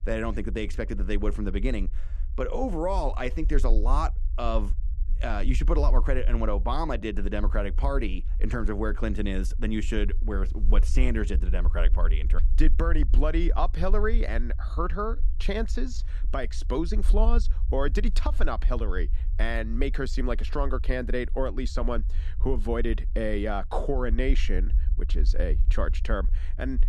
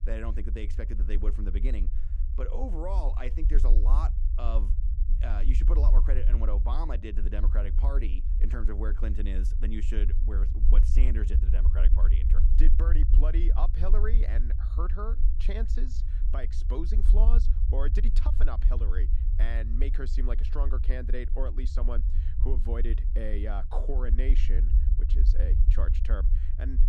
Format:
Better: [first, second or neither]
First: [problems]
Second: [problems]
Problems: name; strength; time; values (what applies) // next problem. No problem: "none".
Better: first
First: low rumble; faint; throughout; 20 dB below the speech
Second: low rumble; loud; throughout; 8 dB below the speech